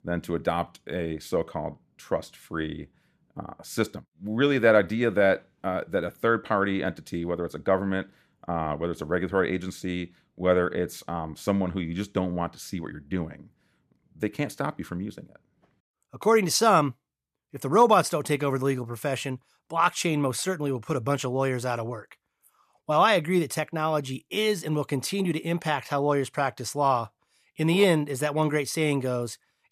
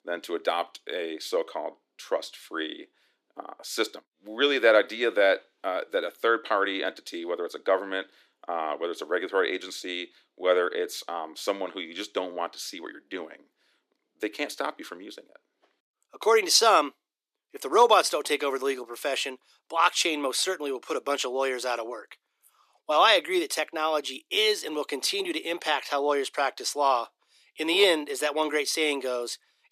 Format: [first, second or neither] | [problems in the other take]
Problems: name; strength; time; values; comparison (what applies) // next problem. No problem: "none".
first | thin; somewhat; fading below 300 Hz